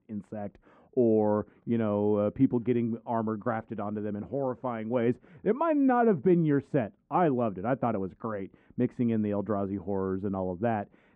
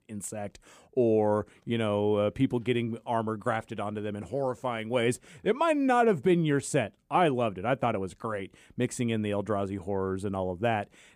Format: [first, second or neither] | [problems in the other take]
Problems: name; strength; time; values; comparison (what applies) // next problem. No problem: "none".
second | muffled; very; fading above 1.5 kHz